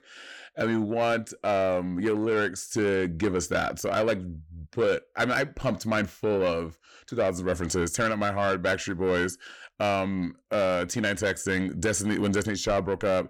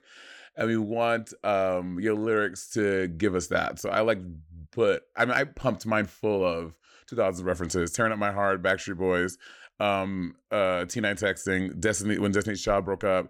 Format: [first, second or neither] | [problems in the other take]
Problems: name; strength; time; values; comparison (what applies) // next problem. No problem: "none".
second | distortion; slight; 10 dB below the speech